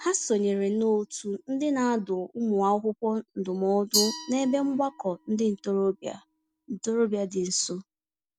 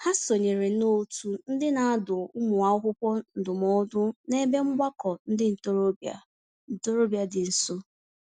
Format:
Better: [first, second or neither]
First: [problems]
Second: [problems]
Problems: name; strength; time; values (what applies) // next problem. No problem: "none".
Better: second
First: background sound (Glass); 13 dB below the speech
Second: none